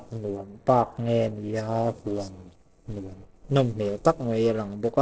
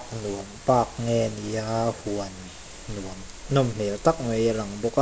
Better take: second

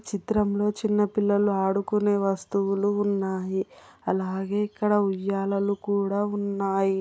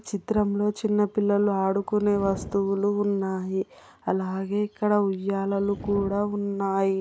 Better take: first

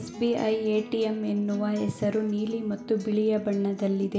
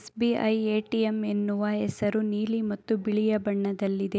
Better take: second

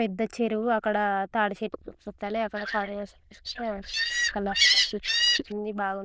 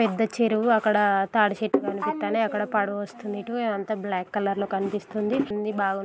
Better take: second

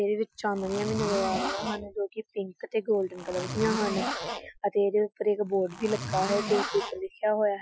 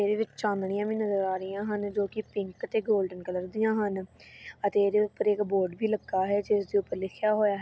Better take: second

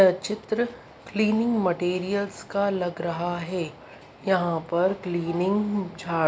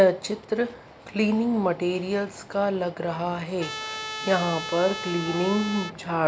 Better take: first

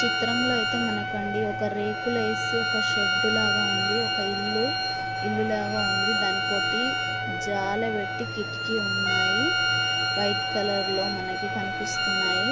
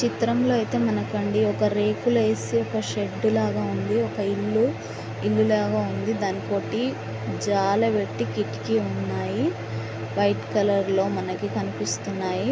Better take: second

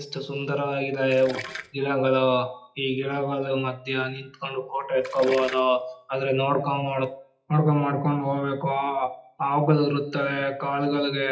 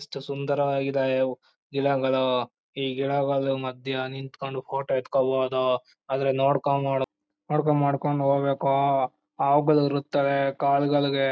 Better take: second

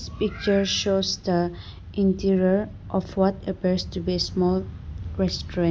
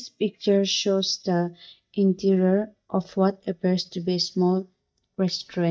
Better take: first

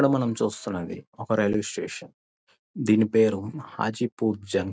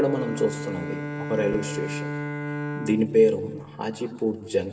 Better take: first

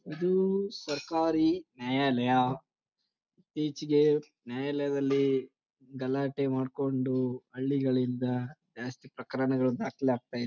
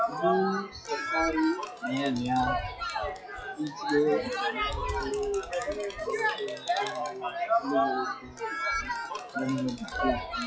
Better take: first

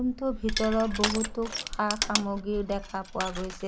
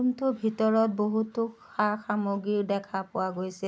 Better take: second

